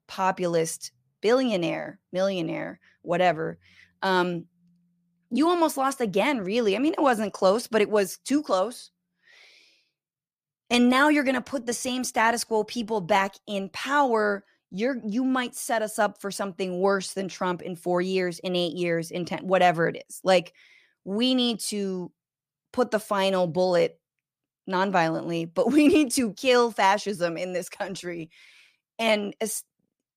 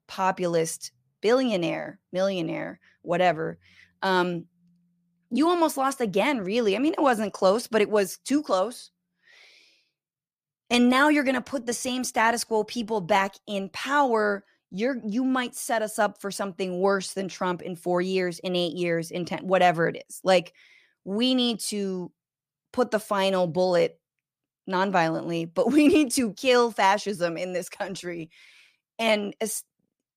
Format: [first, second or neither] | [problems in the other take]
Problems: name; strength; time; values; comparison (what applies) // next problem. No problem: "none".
neither | none